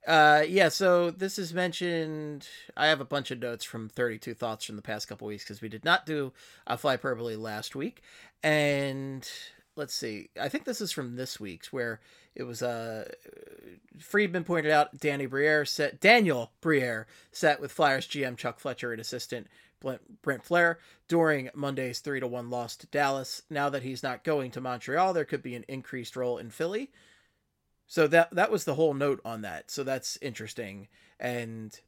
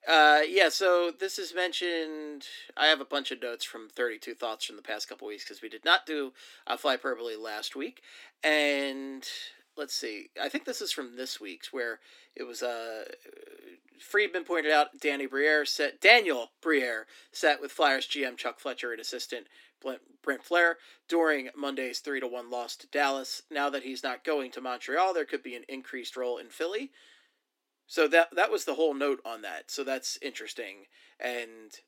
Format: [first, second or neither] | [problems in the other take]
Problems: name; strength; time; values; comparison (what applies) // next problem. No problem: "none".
first | thin; very slightly; fading below 250 Hz